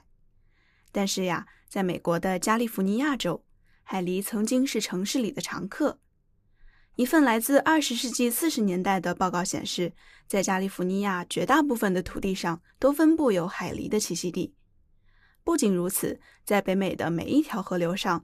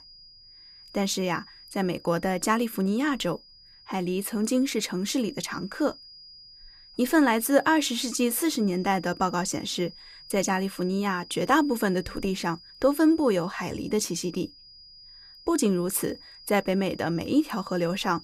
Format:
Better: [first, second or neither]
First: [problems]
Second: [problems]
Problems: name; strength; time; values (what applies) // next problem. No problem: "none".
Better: first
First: none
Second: high-pitched whine; faint; throughout; 5 kHz, 20 dB below the speech